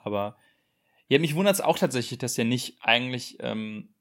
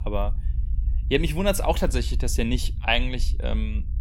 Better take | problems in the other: first | low rumble; faint; throughout; 25 dB below the speech

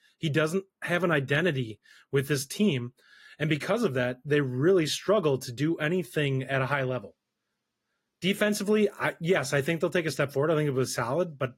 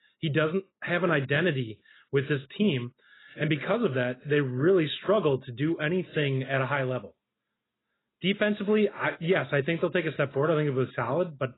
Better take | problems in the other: first | garbled, watery; badly; nothing above 4 kHz; slightly in the first

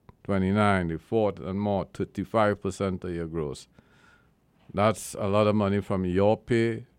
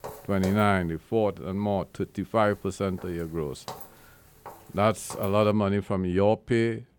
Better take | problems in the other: first | footsteps; faint; until 5.5 s; peak 10 dB below the speech

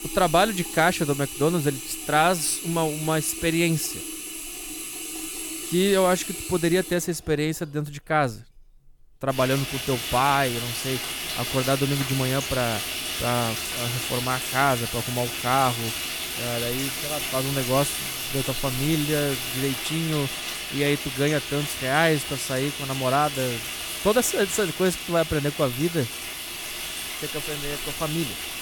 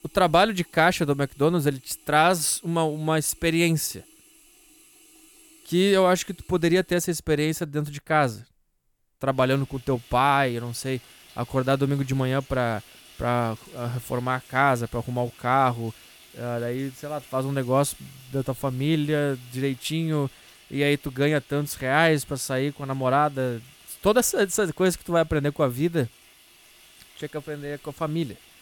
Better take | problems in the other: second | household noises; loud; throughout; 4 dB below the speech; faint in the second

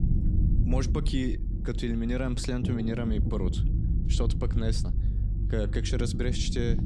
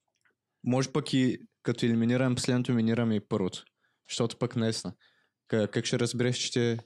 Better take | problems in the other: second | low rumble; loud; throughout; 8 dB below the speech

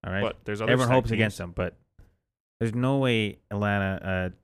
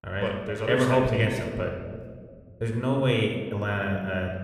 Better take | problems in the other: first | room echo; noticeable; dies away in 1.4 s

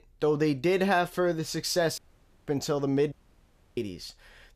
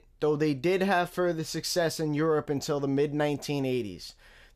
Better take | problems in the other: second | audio cutting out; at 2 s for 0.5 s and at 3 s for 0.5 s

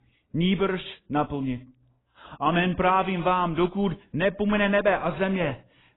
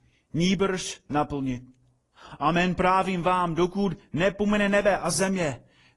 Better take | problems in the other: second | garbled, watery; badly; nothing above 3.5 kHz; slightly in the second

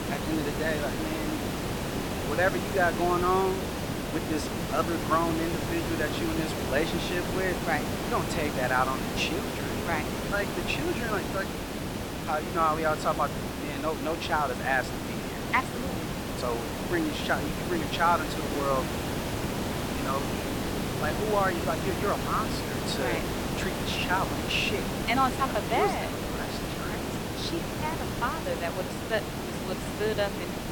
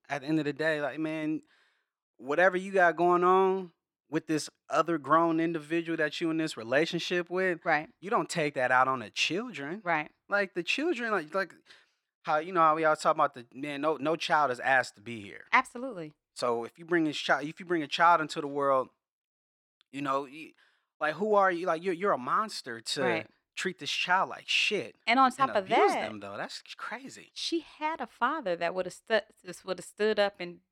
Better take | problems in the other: second | hiss; loud; throughout; 1 dB below the speech

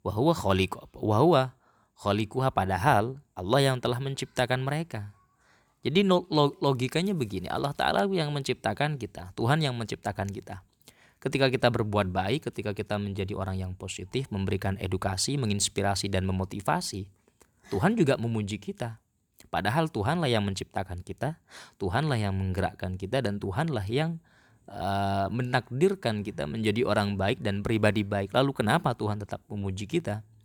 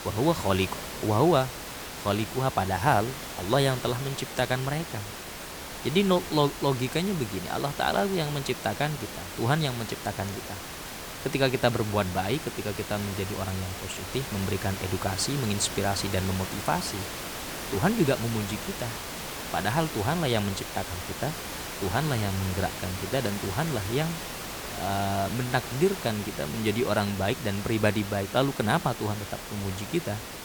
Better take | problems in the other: first | hiss; loud; throughout; 7 dB below the speech

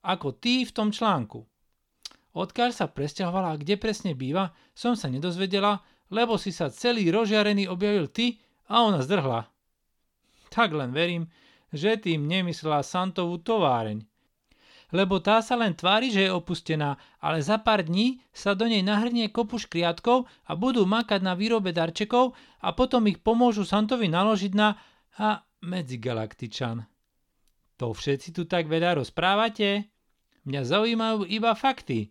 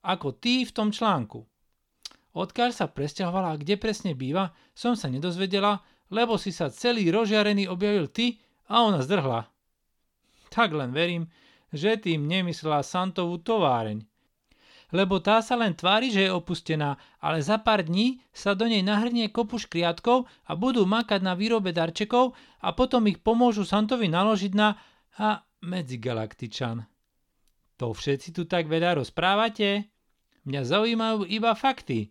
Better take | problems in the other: neither | none

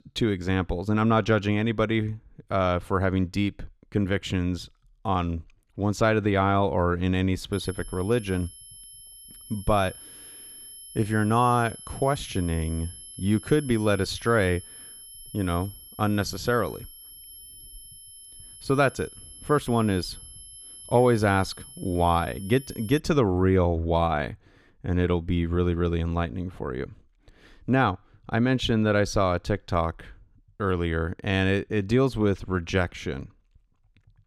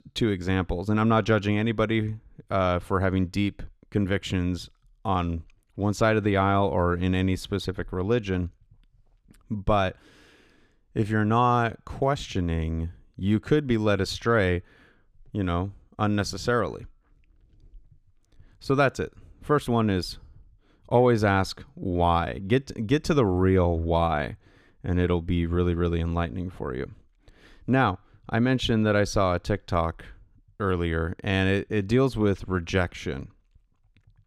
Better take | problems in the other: second | high-pitched whine; noticeable; from 7.5 to 23 s; 11 kHz, 15 dB below the speech

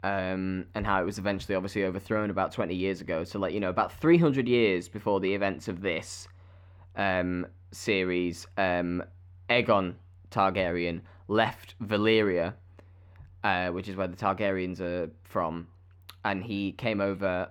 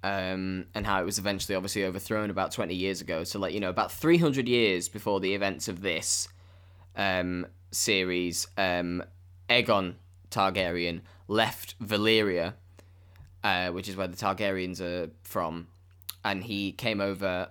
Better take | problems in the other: second | muffled; slightly; fading above 3.5 kHz

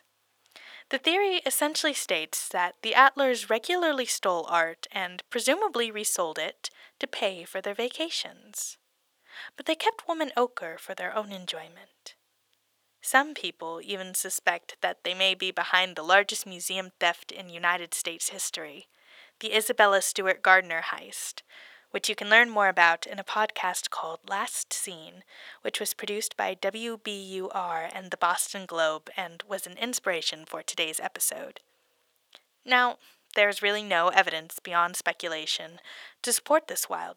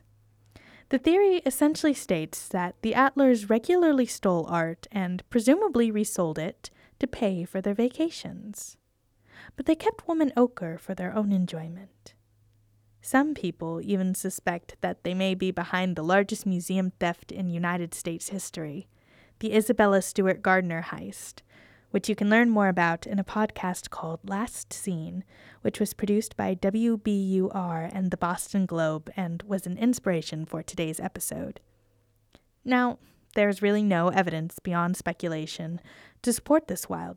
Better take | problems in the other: second | thin; very; fading below 750 Hz

